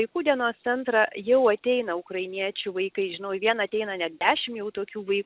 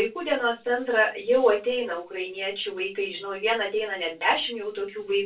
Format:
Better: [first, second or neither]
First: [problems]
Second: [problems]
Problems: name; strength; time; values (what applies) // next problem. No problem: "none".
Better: first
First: none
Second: room echo; dies away in 0.2 s